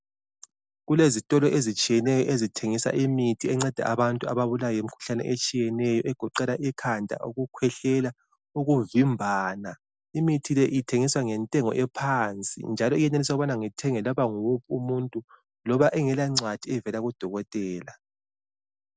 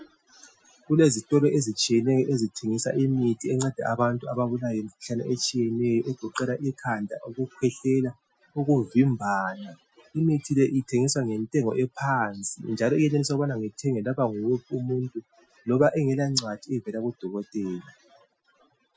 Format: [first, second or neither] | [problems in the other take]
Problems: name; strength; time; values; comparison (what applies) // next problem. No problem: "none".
first | noise reduction (classical method Wiener filter)